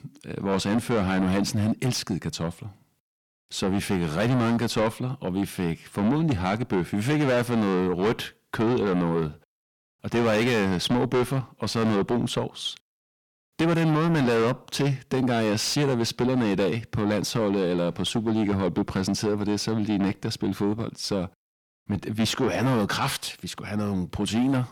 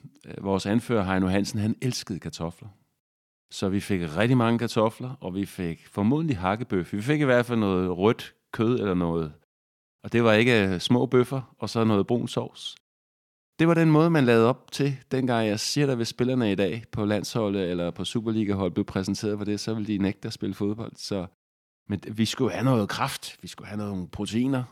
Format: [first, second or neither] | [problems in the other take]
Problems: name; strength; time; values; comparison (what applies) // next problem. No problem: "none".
second | distortion; heavy; 6 dB below the speech